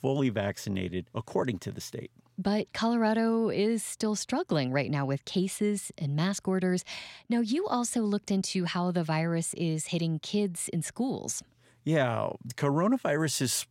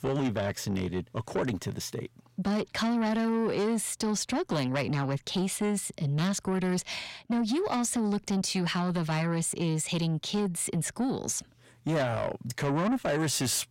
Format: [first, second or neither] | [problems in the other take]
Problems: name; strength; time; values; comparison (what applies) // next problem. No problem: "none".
first | distortion; slight; 9 dB below the speech